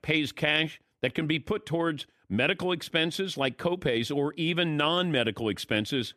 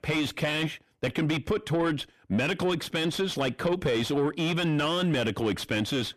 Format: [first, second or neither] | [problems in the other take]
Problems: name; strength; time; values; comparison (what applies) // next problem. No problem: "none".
first | distortion; heavy; 6 dB below the speech